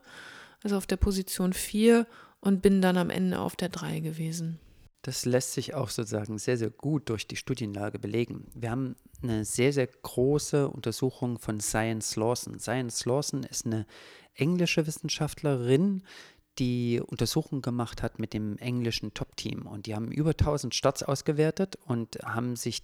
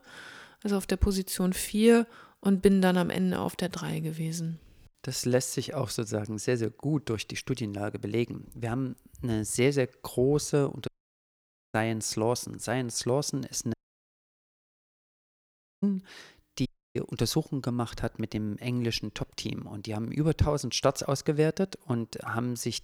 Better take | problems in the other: first | audio cutting out; at 11 s for 1 s, at 14 s for 2 s and at 17 s

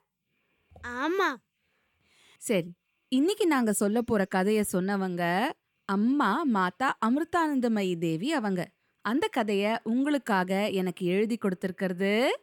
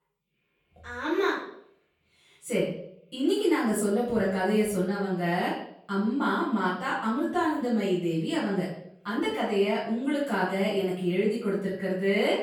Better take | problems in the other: first | off-mic speech; far // room echo; noticeable; dies away in 0.6 s

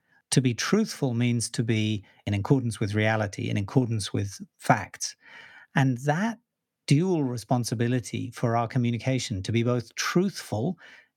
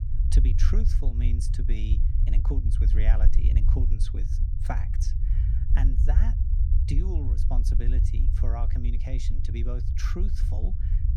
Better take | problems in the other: first | low rumble; loud; throughout; 3 dB below the speech

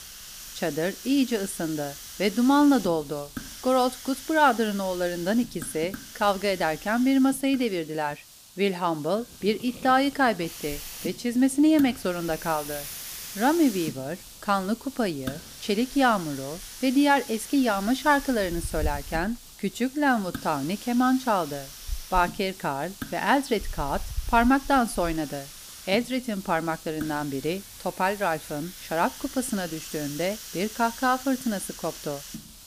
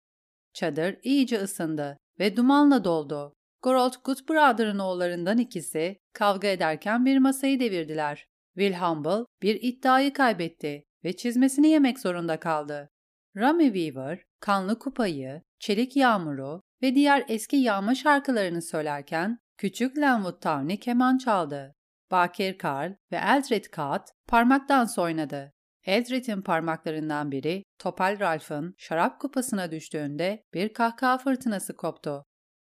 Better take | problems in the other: second | hiss; noticeable; throughout; 15 dB below the speech

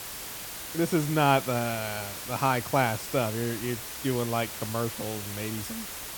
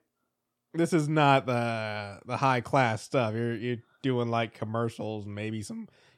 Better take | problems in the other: second | hiss; loud; throughout; 7 dB below the speech

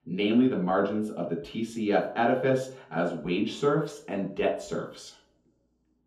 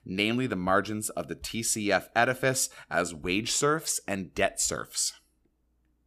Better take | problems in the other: second | room echo; noticeable; dies away in 0.5 s // off-mic speech; far

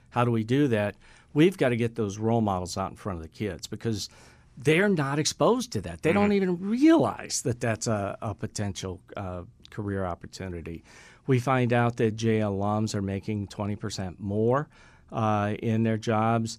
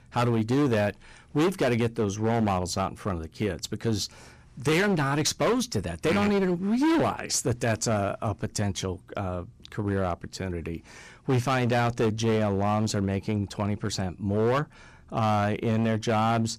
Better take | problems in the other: first | distortion; heavy; 13% of the sound clipped

